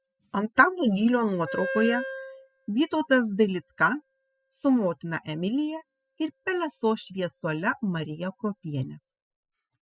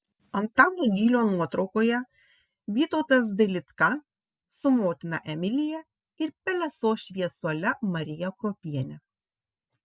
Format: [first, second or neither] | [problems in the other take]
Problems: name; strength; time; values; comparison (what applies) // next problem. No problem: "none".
second | noise reduction (classical method spectral subtraction)